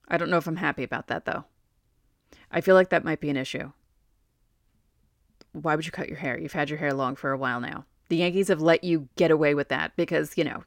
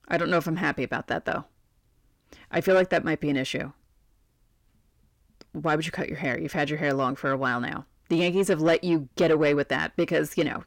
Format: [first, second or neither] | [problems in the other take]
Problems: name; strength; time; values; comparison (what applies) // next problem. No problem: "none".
first | distortion; slight; 10 dB below the speech